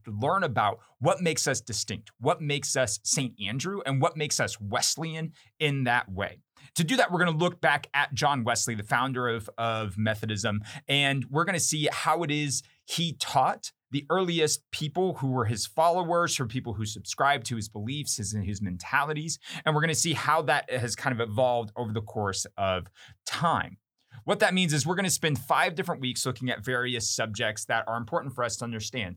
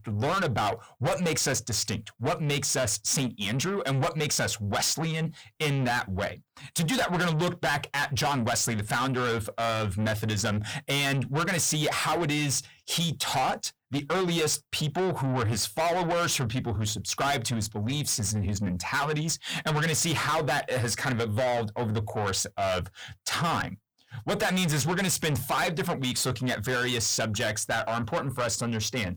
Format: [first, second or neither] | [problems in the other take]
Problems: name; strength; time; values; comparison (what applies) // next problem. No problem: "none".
first | distortion; heavy; 6 dB below the speech